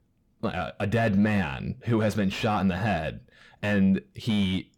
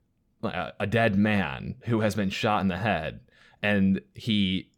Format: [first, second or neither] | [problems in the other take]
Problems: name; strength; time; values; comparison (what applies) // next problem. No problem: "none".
second | distortion; slight; 10 dB below the speech